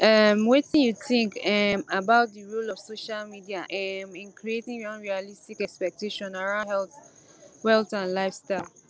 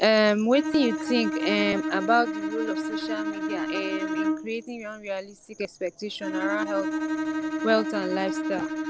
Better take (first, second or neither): first